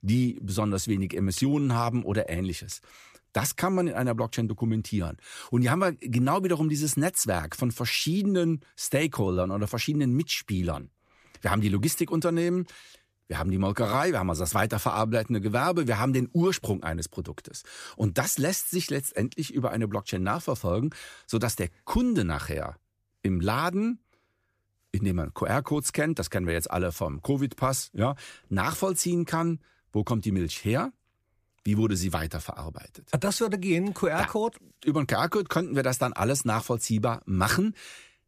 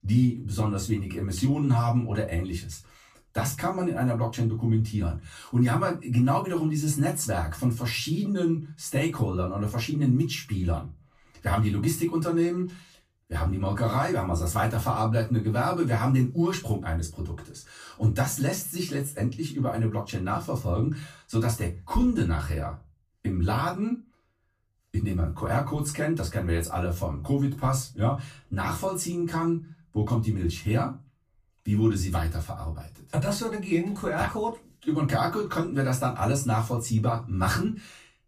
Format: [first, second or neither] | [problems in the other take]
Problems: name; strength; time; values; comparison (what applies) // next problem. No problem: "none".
first | off-mic speech; far // room echo; very slight; dies away in 0.2 s